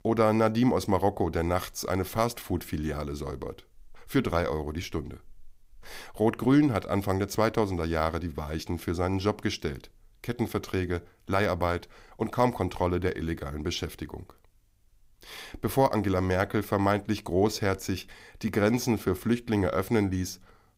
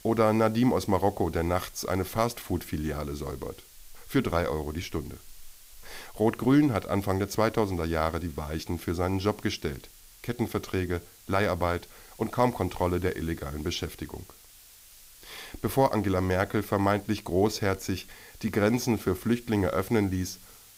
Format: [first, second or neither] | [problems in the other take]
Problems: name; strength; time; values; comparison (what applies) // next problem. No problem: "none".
first | hiss; faint; throughout; 20 dB below the speech